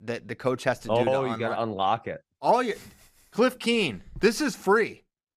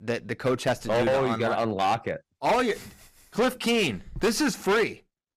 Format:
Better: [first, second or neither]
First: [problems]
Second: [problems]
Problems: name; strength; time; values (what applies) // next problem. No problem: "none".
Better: first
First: none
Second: distortion; heavy; 10% of the sound clipped